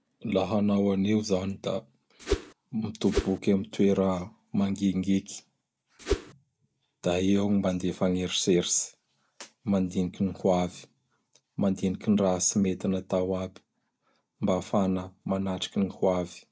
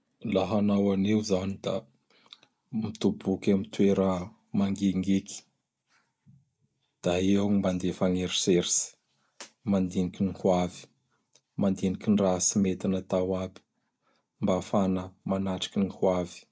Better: second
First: background sound (Whoosh, swoosh, swish); 2 dB below the speech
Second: none

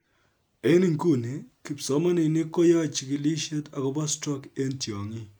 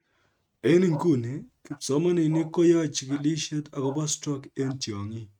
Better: first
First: none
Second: noise reduction (neural mask model RNNoise)

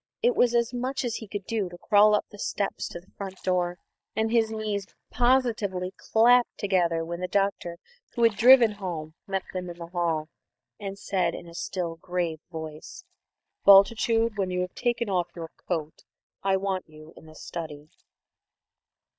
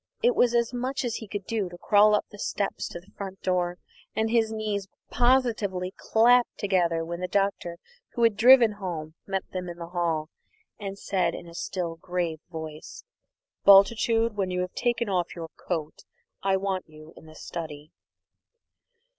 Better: second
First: noise reduction (neural mask model DeepFilterNet 3)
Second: none

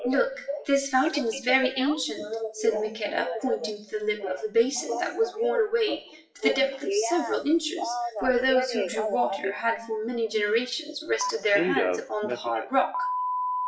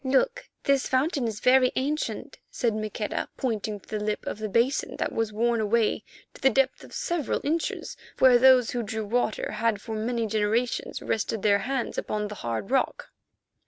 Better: second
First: noise reduction (classical method WPE with log-MMSE)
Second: none

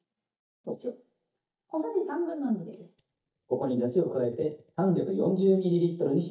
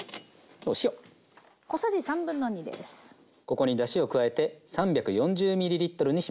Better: second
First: noise reduction (neural mask model DeepFilterNet 3)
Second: none

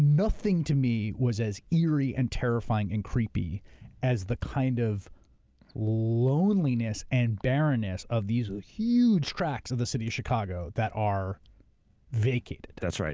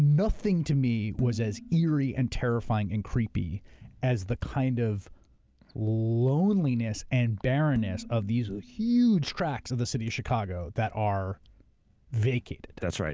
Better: first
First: none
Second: background sound (Dishes, pots, and pans); 19 dB below the speech

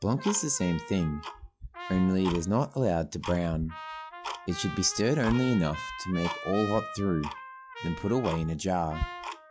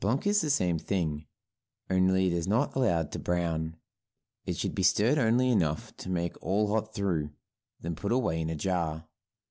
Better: second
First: noise reduction (classical method log-MMSE)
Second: none

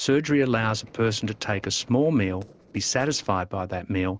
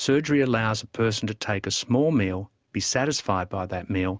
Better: second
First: noise reduction (neural separator model SepFormer DNS4)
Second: none

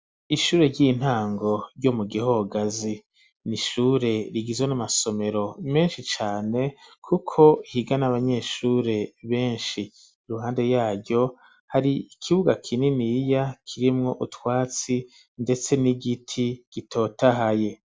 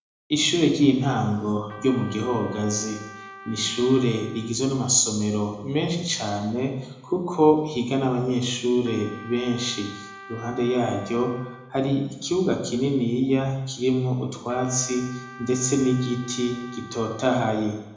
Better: first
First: none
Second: background sound (Trumpet); 18 dB below the speech // room echo; dies away in 0.8 s

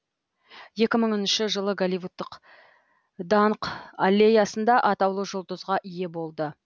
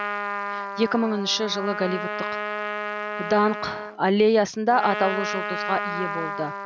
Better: first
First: none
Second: background sound (Trumpet); 5 dB below the speech

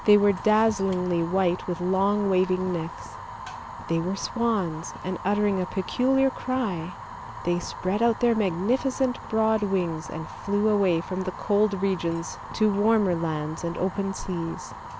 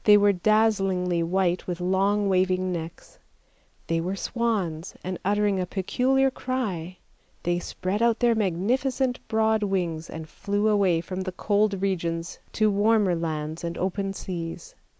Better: second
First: background sound (Fire); 12 dB below the speech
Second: none

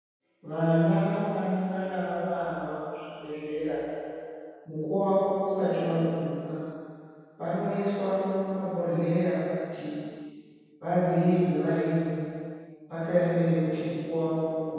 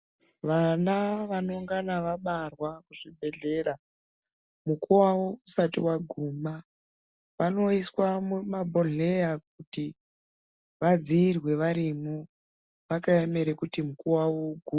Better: second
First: room echo; dies away in 2.2 s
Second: none

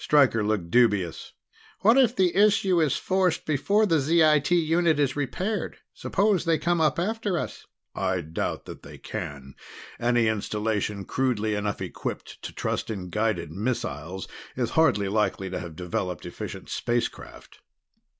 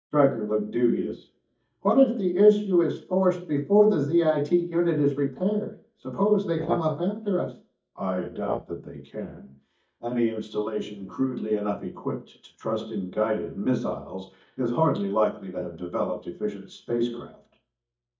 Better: first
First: none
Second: noise reduction (neural mask model DeepFilterNet 3)

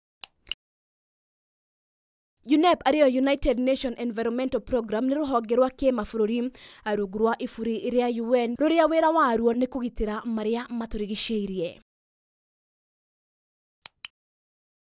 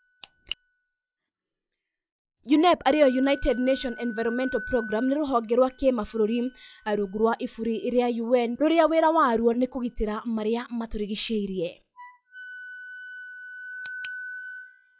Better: first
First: none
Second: noise reduction (classical method log-MMSE)

